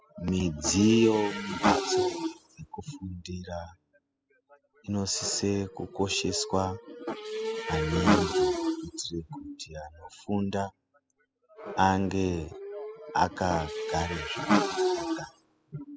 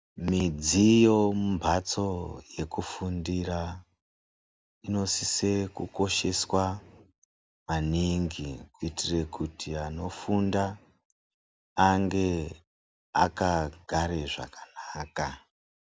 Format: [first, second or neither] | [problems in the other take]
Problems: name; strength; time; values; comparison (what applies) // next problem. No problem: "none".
second | noise reduction (classical method spectral subtraction)